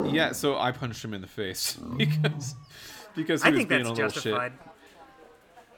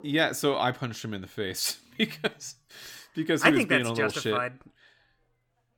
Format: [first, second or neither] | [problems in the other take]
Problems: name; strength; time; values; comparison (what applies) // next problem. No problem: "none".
second | animal sounds; loud; throughout; 4 dB below the speech; faint in the second